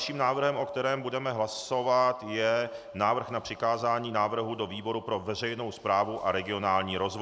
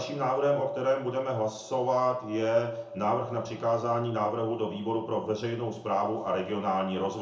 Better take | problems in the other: first | room echo; dies away in 0.5 s

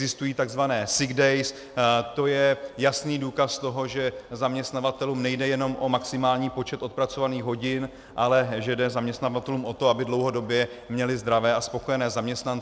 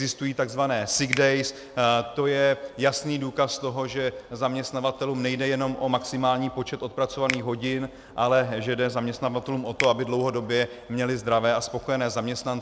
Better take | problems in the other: first | background sound (Finger snapping); 14 dB below the speech

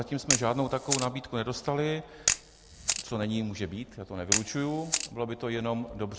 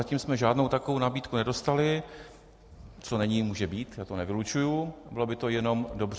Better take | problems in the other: second | background sound (Camera); 2 dB below the speech

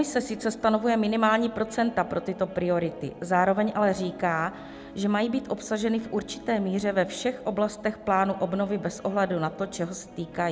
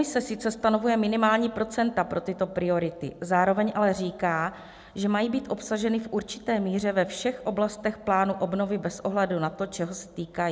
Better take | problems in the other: second | background sound (Guitar); 19 dB below the speech

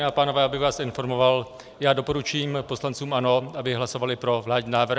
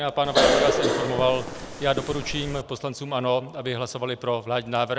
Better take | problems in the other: first | background sound (Cough); 1 dB above the speech

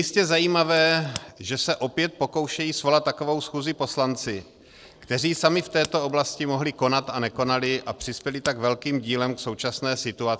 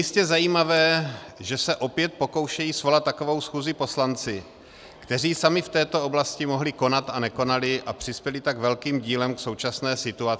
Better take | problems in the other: second | noise reduction (neural separator model SepFormer DNS4)

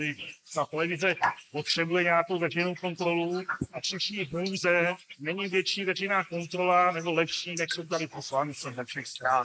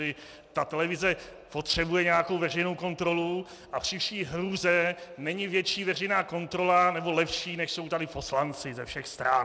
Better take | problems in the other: second | noise reduction (neural mask model Resemble Enhance denoiser)

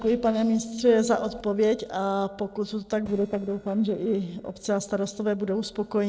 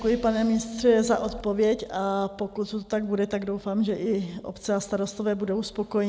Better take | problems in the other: second | noise reduction (neural separator model SepFormer DNS4)

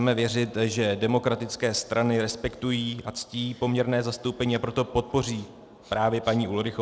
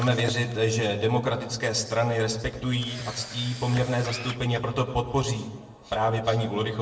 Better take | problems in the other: first | background sound (Camera); 18 dB below the speech // room echo; dies away in 0.7 s

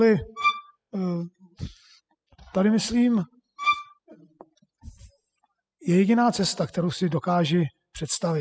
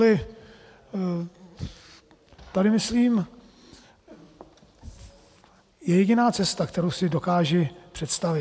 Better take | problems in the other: second | noise reduction (classical method spectral subtraction)

